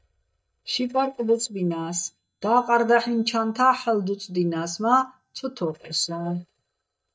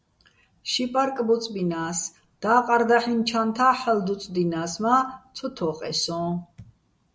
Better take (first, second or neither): second